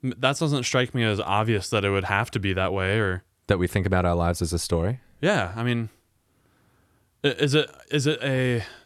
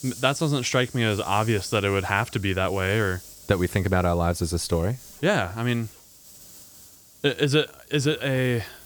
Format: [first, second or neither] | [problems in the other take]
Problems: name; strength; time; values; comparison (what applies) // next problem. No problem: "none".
first | hiss; noticeable; throughout; 20 dB below the speech